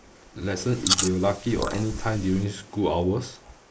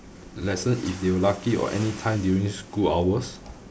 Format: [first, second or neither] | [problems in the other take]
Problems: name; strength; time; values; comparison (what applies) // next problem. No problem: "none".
second | noise reduction (neural mask model Resemble Enhance denoiser)